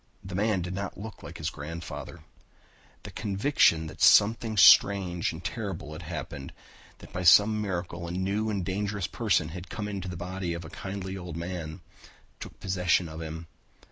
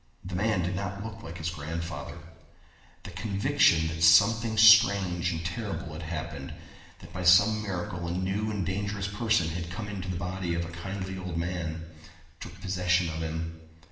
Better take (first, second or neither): first